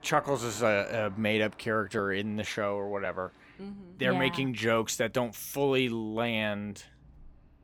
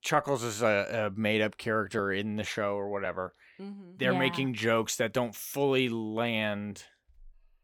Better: second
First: rain or running water; faint; throughout; 25 dB below the speech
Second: none

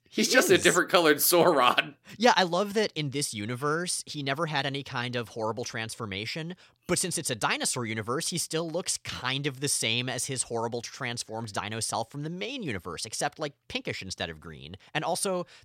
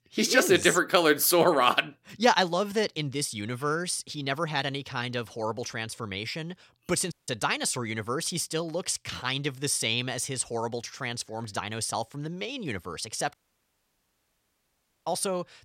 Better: first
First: none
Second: audio cutting out; at 7 s and at 13 s for 1.5 s

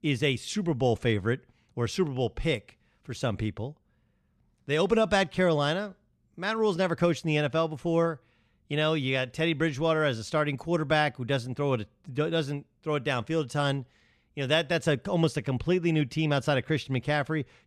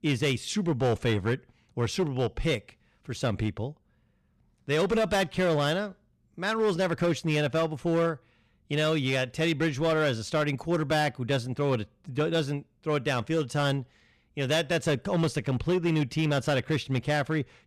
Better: first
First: none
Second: distortion; slight; 8% of the sound clipped

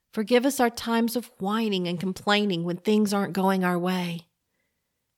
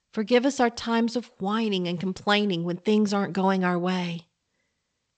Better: first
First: none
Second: garbled, watery; slightly; nothing above 8 kHz

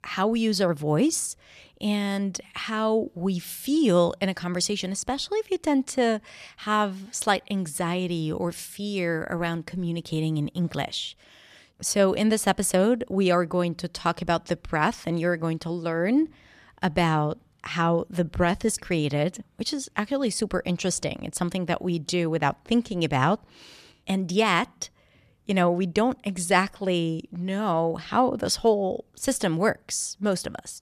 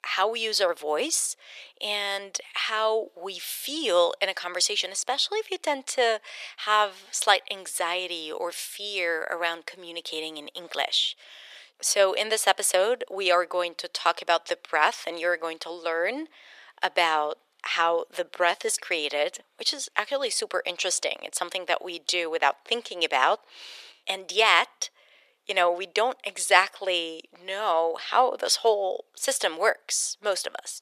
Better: first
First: none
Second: thin; very; fading below 450 Hz

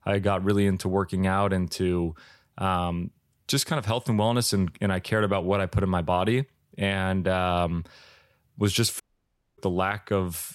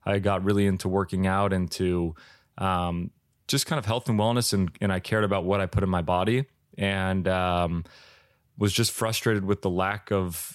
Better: second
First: audio cutting out; at 9 s for 0.5 s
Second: none

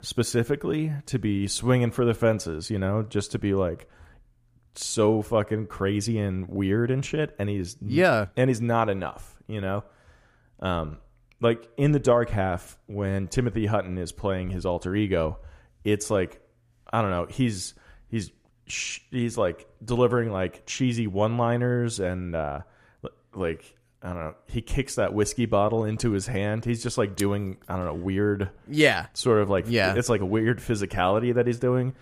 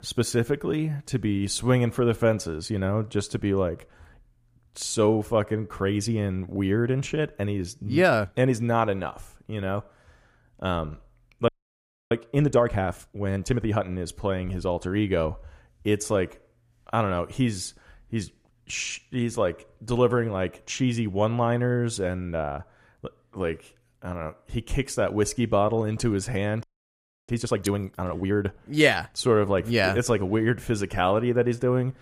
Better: first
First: none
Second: audio freezing; at 11 s for 0.5 s and at 27 s for 0.5 s

